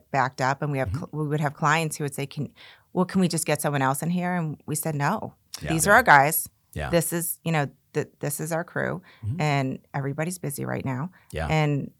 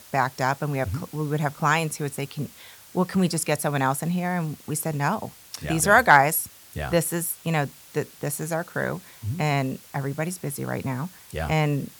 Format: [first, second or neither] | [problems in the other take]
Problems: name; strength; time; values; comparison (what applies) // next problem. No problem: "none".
first | hiss; faint; throughout; 20 dB below the speech